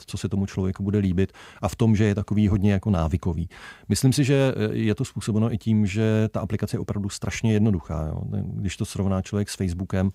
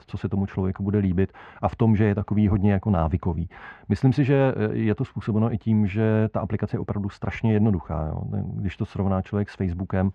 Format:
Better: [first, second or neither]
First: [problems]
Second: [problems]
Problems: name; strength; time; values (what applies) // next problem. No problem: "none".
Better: first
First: none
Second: muffled; very; fading above 2 kHz